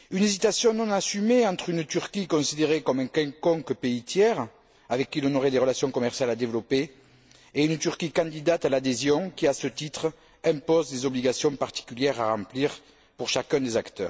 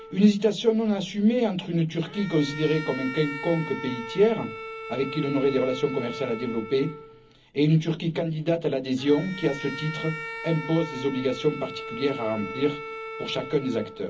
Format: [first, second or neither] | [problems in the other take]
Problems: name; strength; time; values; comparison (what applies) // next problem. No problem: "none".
first | background sound (Bowed string instrument); 12 dB below the speech // room echo; dies away in 0.4 s